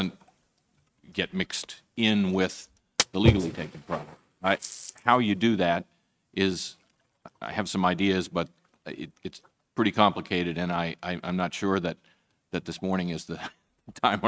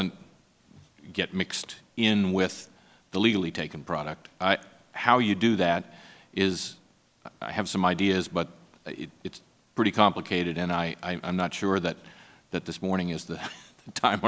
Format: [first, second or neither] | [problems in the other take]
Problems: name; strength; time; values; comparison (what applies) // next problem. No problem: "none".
second | noise reduction (neural mask model RNNoise)